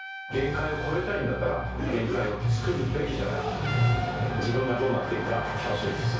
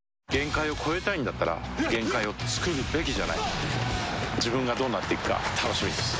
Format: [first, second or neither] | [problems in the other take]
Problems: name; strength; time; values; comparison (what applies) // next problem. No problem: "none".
second | background sound (Trumpet); 13 dB below the speech // room echo; dies away in 0.6 s